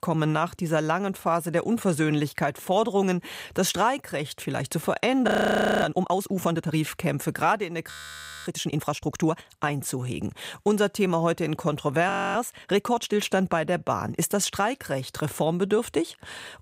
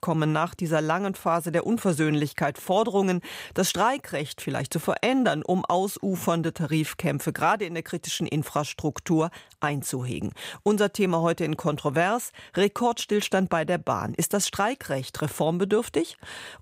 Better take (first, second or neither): second